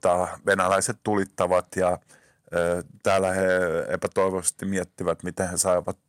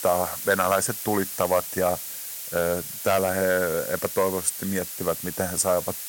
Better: first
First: none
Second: hiss; loud; throughout; 6 dB below the speech

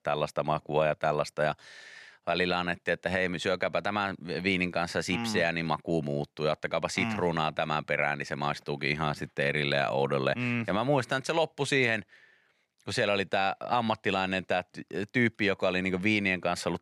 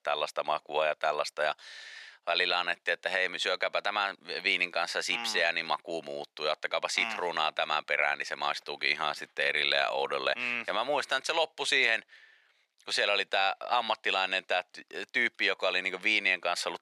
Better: first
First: none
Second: thin; very; fading below 600 Hz

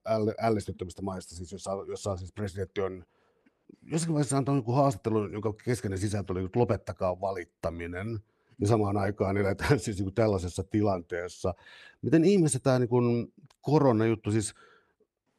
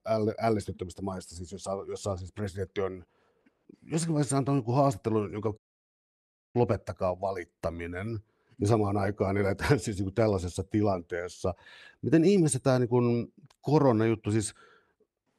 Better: first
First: none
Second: audio cutting out; at 5.5 s for 1 s

